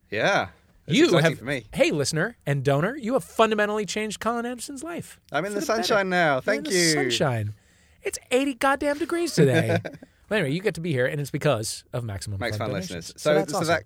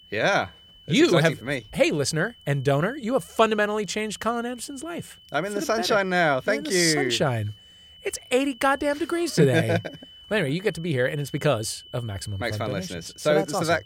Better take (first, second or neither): first